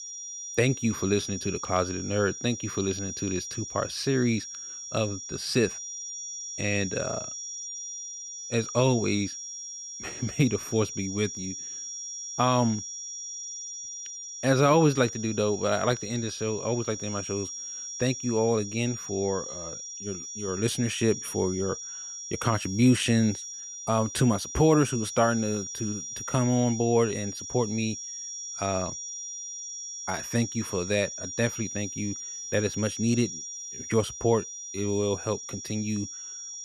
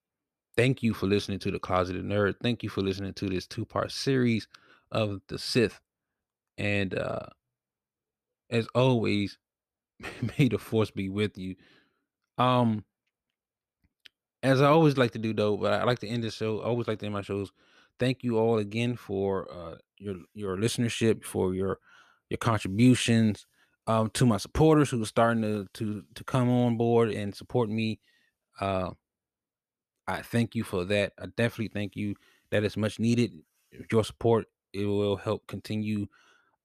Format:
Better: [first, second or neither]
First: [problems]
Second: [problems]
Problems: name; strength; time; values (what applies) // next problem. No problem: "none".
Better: second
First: high-pitched whine; loud; throughout; 5.5 kHz, 8 dB below the speech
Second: none